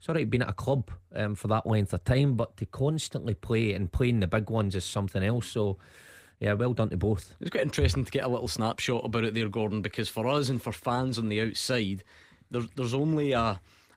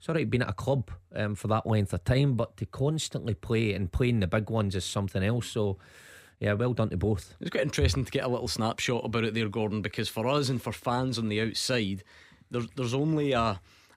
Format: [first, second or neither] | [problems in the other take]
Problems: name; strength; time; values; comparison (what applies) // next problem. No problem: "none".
second | garbled, watery; slightly; nothing above 15.5 kHz